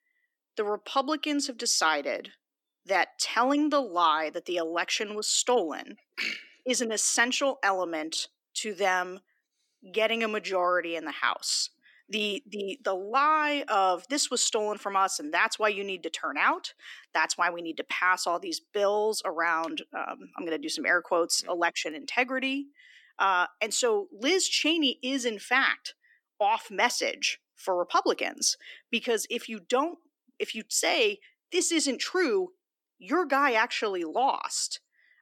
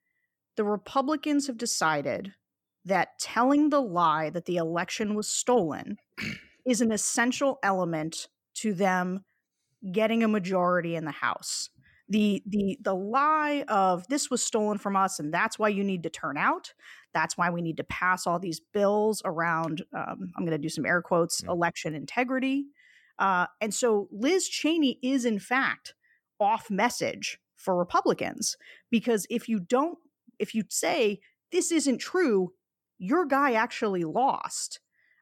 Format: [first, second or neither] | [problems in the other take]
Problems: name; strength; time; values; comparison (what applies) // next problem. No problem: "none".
second | thin; very slightly; fading below 300 Hz